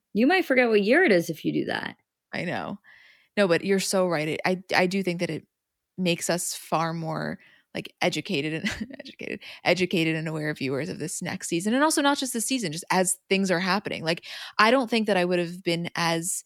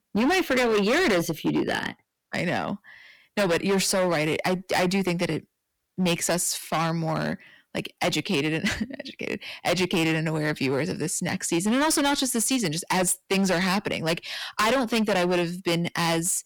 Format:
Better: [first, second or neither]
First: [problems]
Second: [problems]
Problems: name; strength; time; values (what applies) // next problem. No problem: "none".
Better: first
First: none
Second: distortion; heavy; 15% of the sound clipped